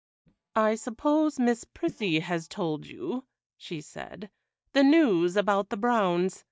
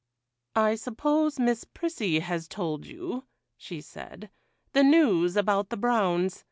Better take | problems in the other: second | noise reduction (neural mask model DeepFilterNet 3)

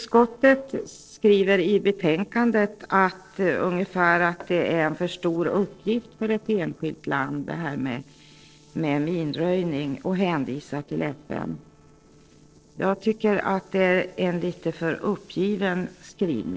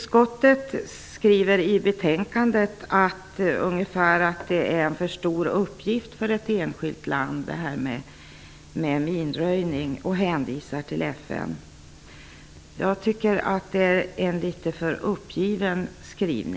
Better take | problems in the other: second | noise reduction (neural separator model SepFormer DNS4)

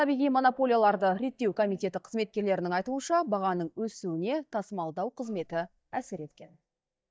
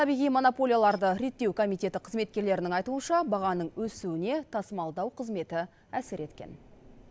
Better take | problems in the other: second | noise reduction (neural mask model DeepFilterNet 3)

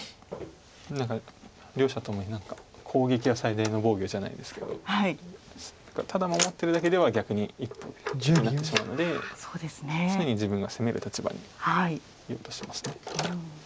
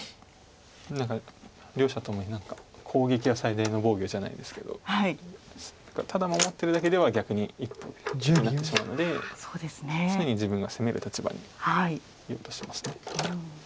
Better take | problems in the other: second | background sound (Walk, footsteps); 11 dB below the speech

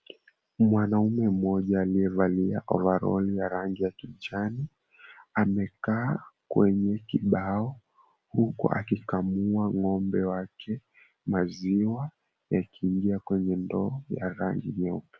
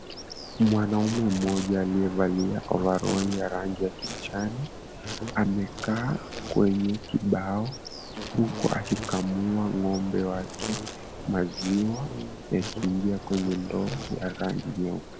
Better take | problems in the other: first | background sound (Brass instrument + Insect); 10 dB below the speech

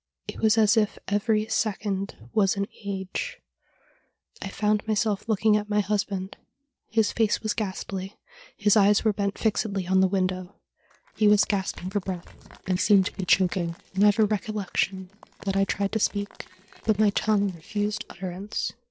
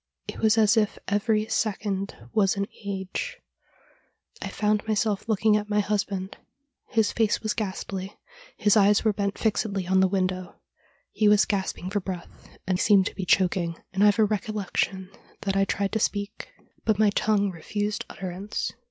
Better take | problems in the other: second | noise reduction (neural separator model SepFormer DNS4)

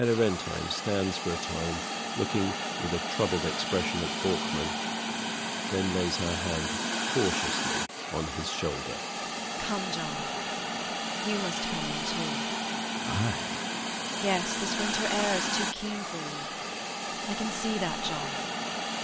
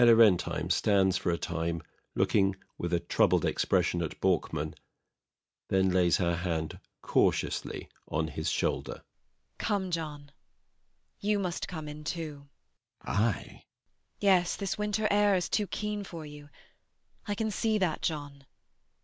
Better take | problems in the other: second | background sound (Hiss); 1 dB above the speech

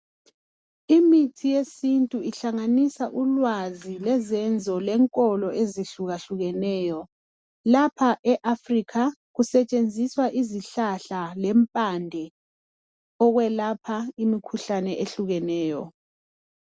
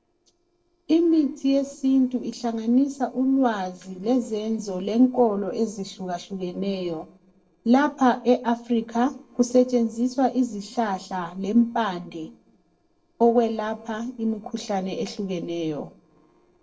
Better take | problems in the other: first | noise reduction (neural separator model SepFormer DNS4)

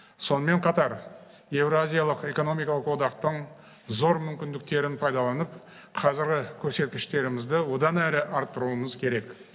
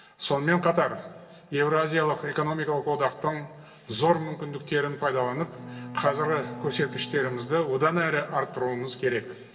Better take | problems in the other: first | background sound (Bowed string instrument); 13 dB below the speech // room echo; dies away in 1.4 s

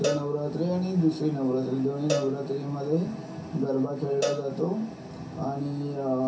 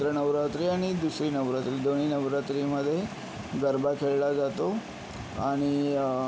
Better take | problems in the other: second | background sound (Cowbell); 8 dB below the speech // room echo; dies away in 0.3 s

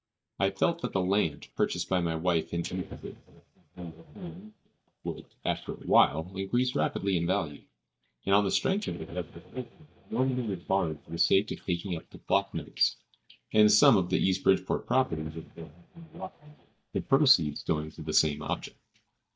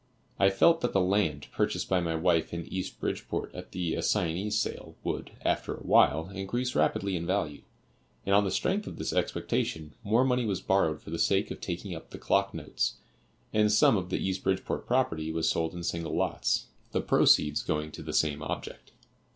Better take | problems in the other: second | noise reduction (neural mask model DeepFilterNet 3)

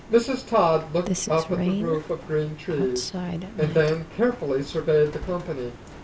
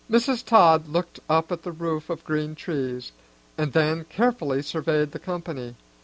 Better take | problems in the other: second | background sound (Rain); 8 dB below the speech // room echo; dies away in 0.3 s

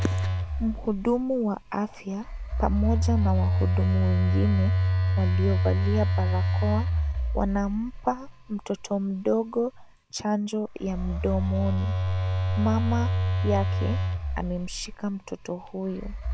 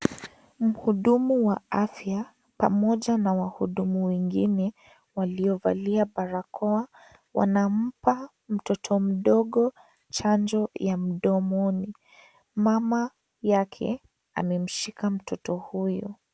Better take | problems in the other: second | background sound (Telephone); 3 dB above the speech

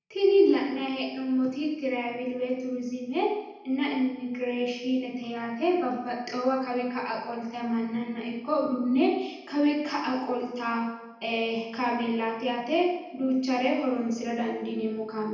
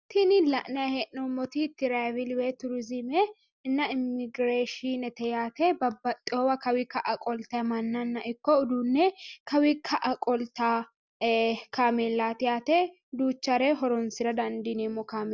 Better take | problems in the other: second | room echo; dies away in 0.9 s

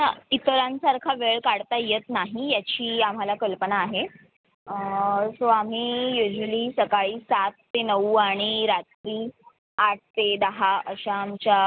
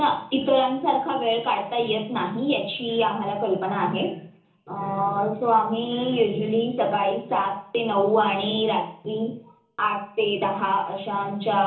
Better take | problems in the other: first | room echo; dies away in 0.7 s

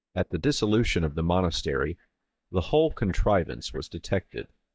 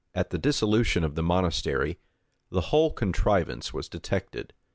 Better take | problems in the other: second | noise reduction (neural mask model DeepFilterNet 3)

